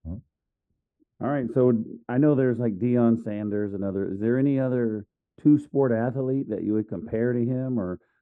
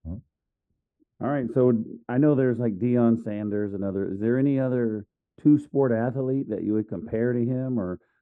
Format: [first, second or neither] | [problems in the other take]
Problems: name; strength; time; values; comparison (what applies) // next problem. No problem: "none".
neither | muffled; very; fading above 1.5 kHz; the same in both